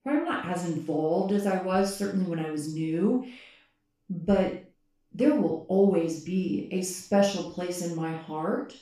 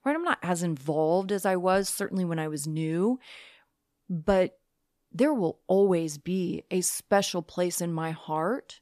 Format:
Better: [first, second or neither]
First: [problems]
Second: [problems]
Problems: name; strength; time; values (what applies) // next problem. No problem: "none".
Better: second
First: room echo; noticeable; dies away in 0.4 s // off-mic speech; far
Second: none